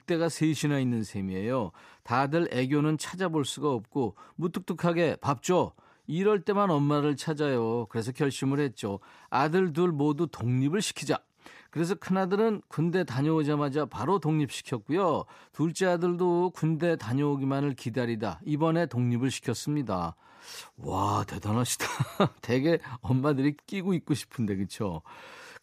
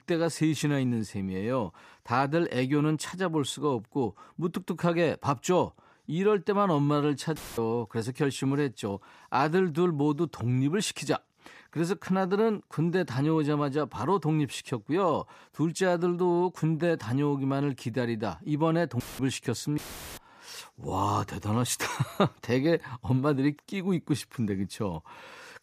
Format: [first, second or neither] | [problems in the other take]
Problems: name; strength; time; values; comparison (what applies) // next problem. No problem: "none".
first | audio cutting out; filled with static; at 7.5 s, at 19 s and at 20 s